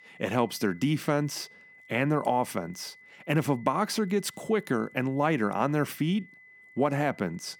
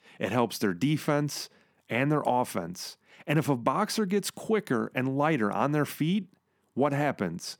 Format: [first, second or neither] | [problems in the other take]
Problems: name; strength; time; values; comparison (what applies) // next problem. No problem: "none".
second | high-pitched whine; faint; throughout; 2 kHz, 25 dB below the speech